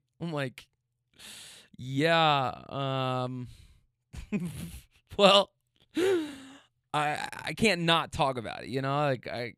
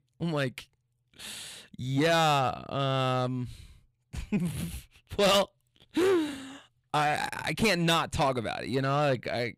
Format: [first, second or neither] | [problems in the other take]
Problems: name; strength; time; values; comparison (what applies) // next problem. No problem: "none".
first | distortion; heavy; 7 dB below the speech